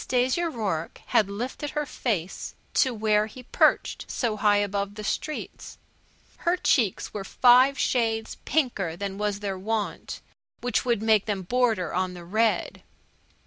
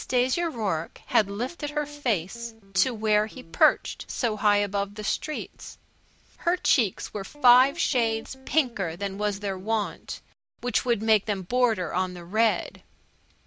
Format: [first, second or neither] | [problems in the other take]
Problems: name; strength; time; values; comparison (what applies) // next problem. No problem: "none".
first | background sound (Guitar); 20 dB below the speech